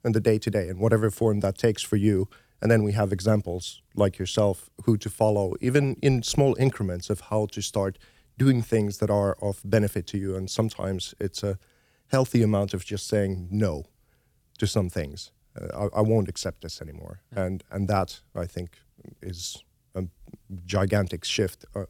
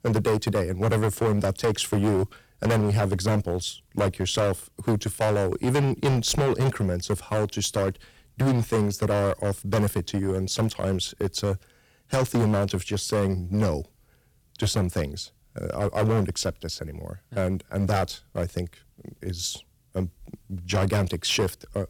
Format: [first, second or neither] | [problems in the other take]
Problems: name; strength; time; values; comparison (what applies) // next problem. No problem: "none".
first | distortion; heavy; 11% of the sound clipped